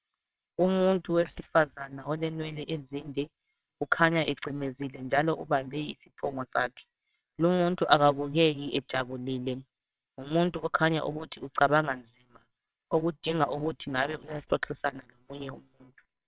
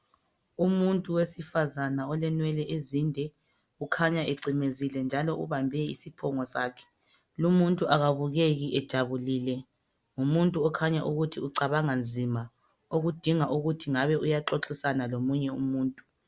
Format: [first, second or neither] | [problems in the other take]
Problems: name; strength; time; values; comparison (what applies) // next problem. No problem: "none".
second | noise reduction (neural separator model SepFormer WHAMR!)